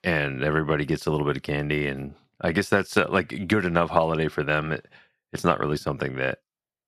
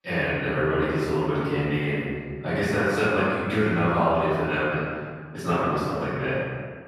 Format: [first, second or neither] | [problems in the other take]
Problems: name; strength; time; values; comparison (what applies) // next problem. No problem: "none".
first | off-mic speech; far // room echo; strong; dies away in 1.7 s